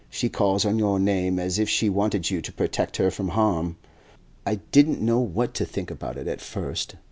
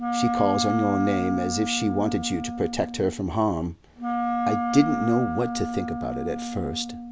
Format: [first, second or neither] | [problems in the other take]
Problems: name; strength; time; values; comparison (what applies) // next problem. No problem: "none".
first | background sound (Wind instrument, woodwind instrument); 3 dB below the speech